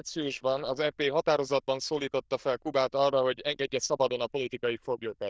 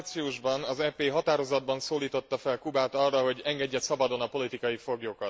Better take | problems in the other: second | noise reduction (neural diffusion model UNIVERSE++)

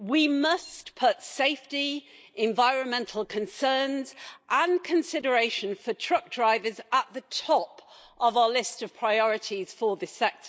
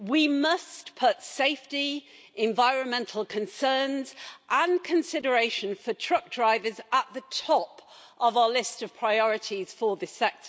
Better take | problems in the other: second | noise reduction (neural mask model Resemble Enhance denoiser)

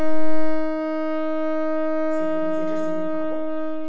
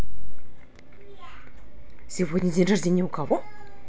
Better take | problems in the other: second | background sound (Wind instrument, woodwind instrument); 7 dB below the speech // room echo; dies away in 0.9 s

